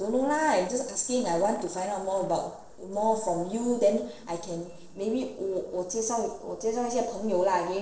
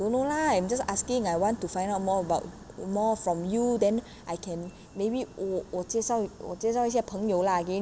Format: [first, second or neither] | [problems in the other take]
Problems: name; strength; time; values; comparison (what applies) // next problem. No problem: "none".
second | noise reduction (neural separator model SepFormer DNS4)